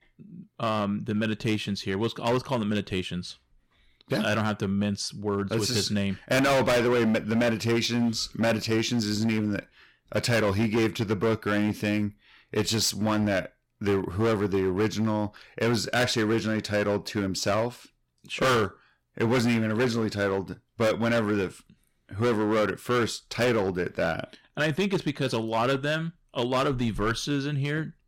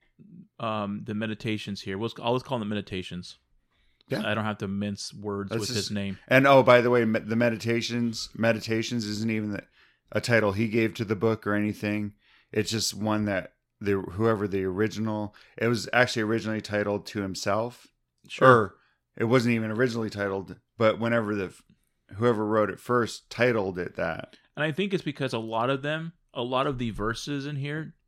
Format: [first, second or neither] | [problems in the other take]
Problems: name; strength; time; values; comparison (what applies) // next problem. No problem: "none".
second | distortion; heavy; 11% of the sound clipped